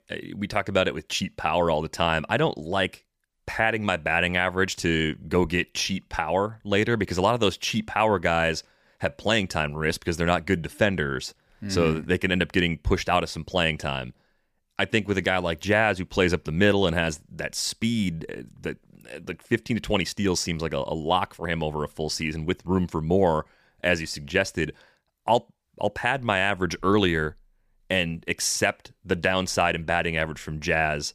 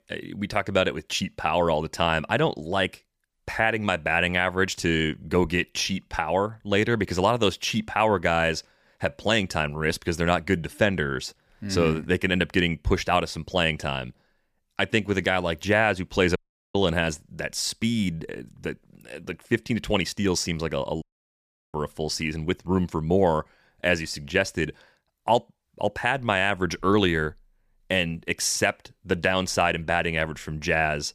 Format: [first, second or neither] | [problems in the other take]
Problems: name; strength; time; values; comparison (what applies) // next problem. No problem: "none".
first | audio cutting out; at 16 s and at 21 s for 0.5 s